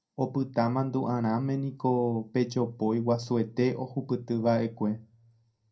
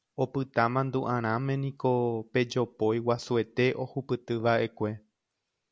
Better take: second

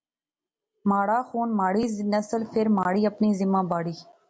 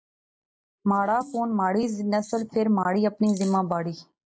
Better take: first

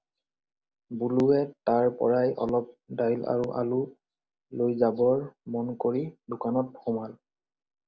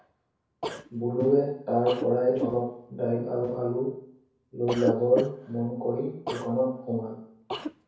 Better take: first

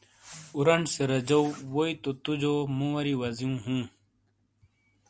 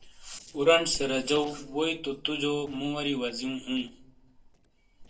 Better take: first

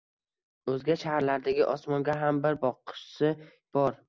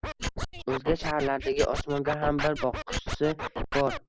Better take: first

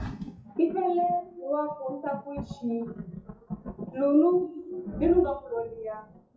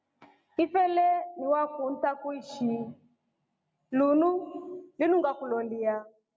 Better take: second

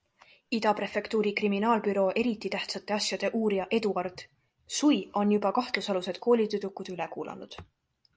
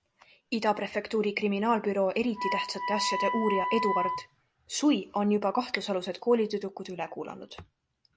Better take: first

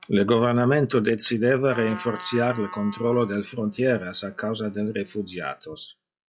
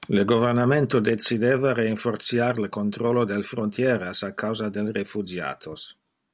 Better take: second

